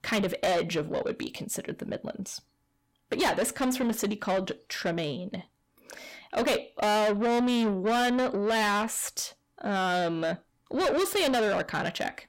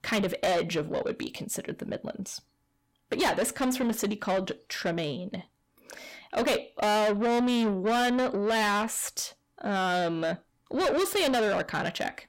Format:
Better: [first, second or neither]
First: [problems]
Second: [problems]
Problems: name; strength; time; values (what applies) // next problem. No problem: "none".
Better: neither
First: distortion; heavy; 6 dB below the speech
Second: distortion; heavy; 6 dB below the speech